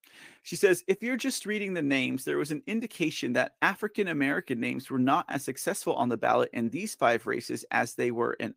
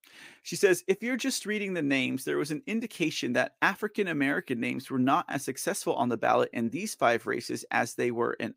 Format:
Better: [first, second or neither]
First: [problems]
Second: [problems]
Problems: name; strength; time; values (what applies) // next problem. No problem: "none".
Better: second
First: garbled, watery; slightly; nothing above 15.5 kHz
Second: none